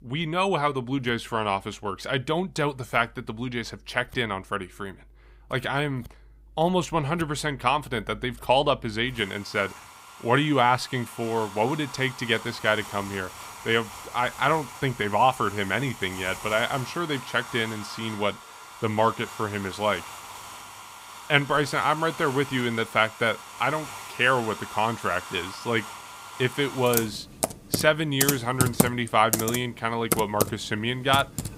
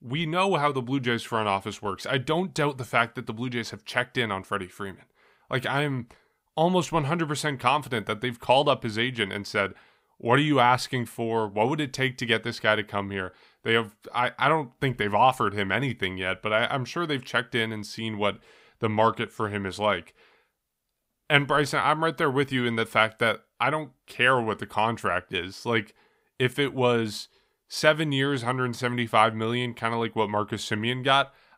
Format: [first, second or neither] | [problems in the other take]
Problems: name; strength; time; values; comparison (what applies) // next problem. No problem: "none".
second | household noises; loud; throughout; 8 dB below the speech